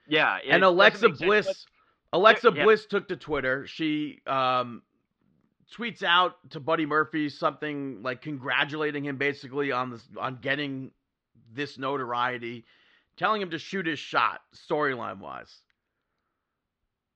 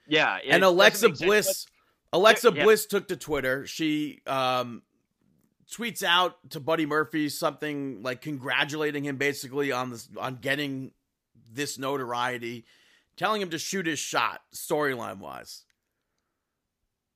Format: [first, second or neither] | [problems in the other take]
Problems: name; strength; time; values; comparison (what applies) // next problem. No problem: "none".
second | muffled; slightly; fading above 4 kHz